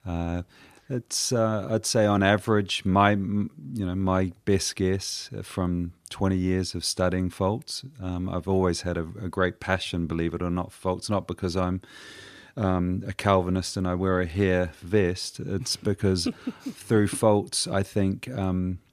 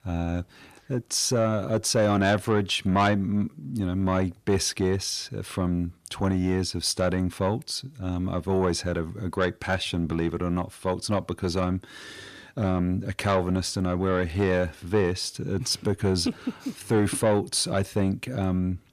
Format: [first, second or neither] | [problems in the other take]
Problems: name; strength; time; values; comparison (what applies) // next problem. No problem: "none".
first | distortion; slight; 10 dB below the speech